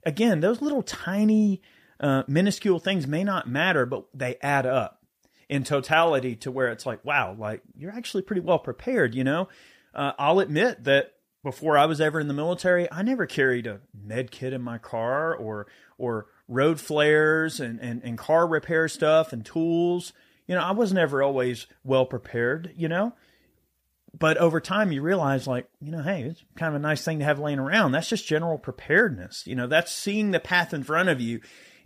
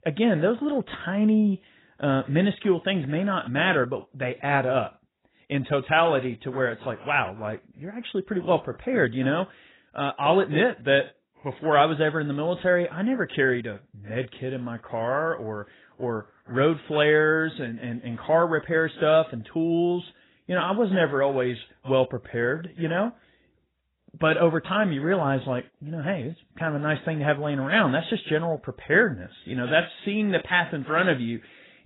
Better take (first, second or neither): first